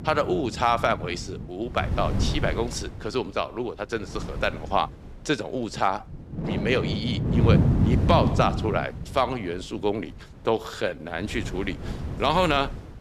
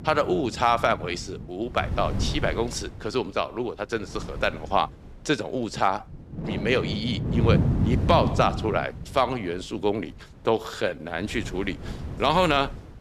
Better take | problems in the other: second | wind noise on the microphone; heavy; 10 dB below the speech; occasional gusts in the second

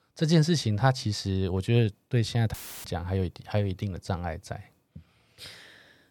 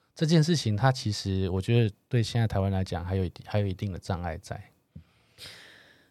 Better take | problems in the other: second | audio cutting out; filled with static; at 2.5 s

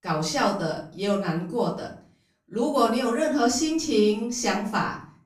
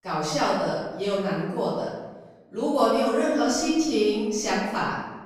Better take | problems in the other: first | room echo; strong; dies away in 1.1 s; slight in the first // off-mic speech; far; far in the first

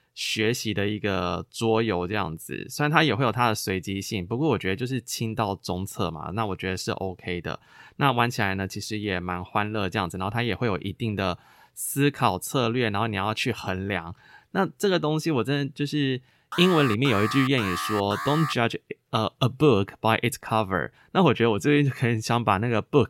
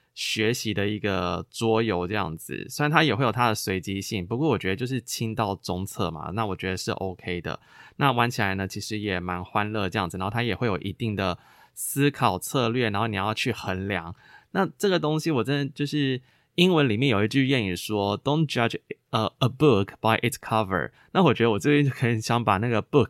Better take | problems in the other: second | alarm; noticeable; from 17 to 19 s; peak 5 dB below the speech

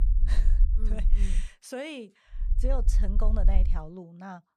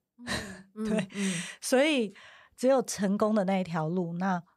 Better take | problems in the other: second | low rumble; noticeable; until 1.5 s and from 2.5 to 3.5 s; 10 dB below the speech

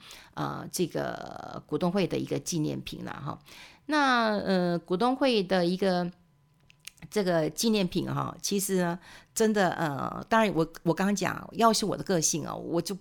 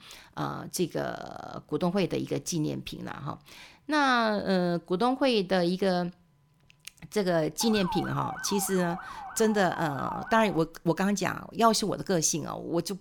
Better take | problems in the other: first | siren; noticeable; from 7.5 to 11 s; peak 7 dB below the speech

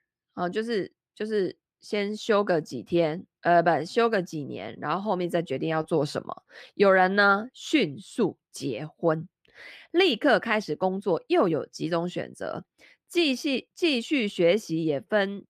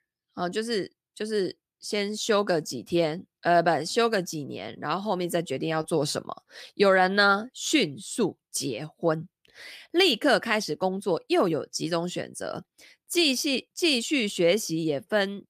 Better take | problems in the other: second | muffled; slightly; fading above 4 kHz

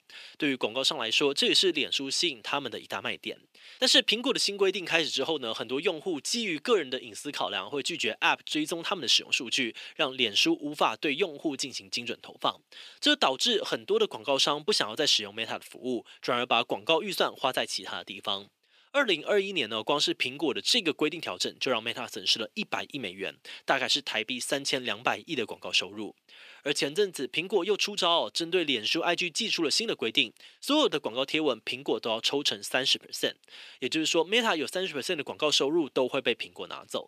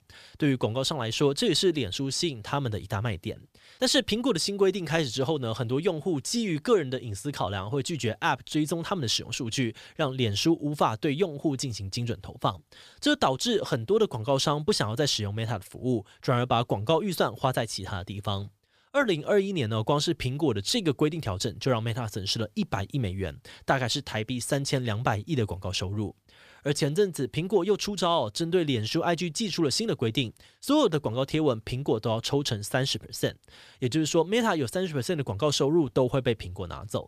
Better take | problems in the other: second | thin; very slightly; fading below 250 Hz

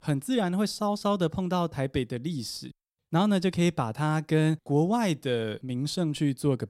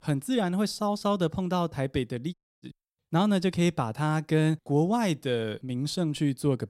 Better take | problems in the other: first | audio cutting out; at 2.5 s

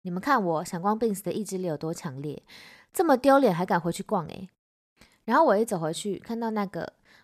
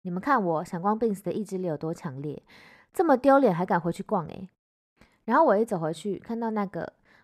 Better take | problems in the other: first | muffled; slightly; fading above 2.5 kHz

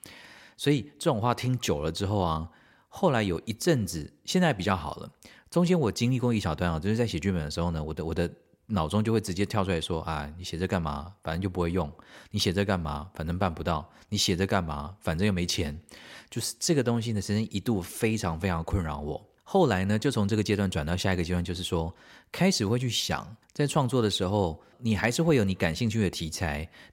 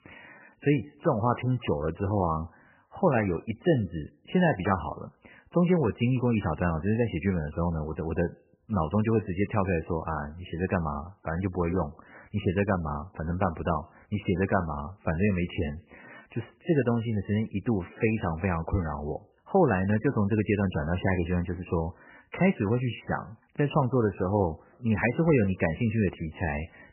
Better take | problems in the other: first | garbled, watery; badly; nothing above 3 kHz

